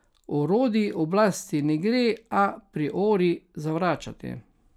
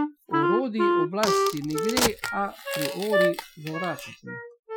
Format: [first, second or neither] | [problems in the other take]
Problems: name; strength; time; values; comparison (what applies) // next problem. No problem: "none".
first | noise reduction (classical method Wiener filter)